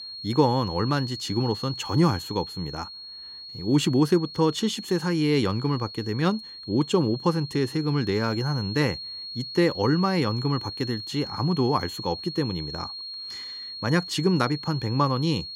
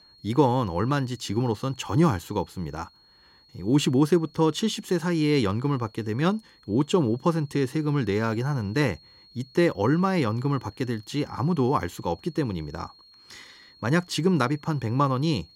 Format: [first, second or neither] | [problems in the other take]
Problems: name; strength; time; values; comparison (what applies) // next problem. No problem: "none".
second | high-pitched whine; loud; throughout; 4.5 kHz, 10 dB below the speech; faint in the second